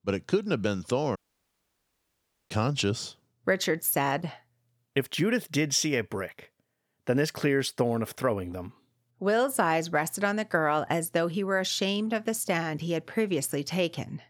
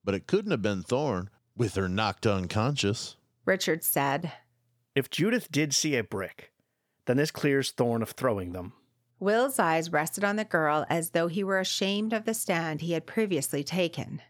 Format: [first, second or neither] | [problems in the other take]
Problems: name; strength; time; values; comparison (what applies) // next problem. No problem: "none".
second | audio cutting out; at 1 s for 1.5 s